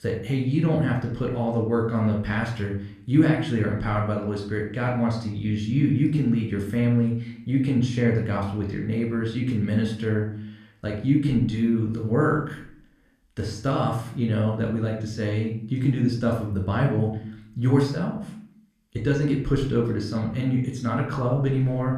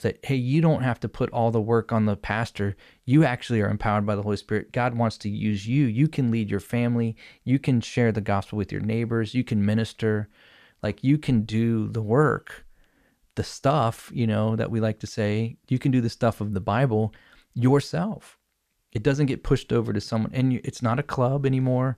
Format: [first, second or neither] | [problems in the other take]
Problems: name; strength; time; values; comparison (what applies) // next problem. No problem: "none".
second | off-mic speech; somewhat distant // room echo; slight; dies away in 0.5 s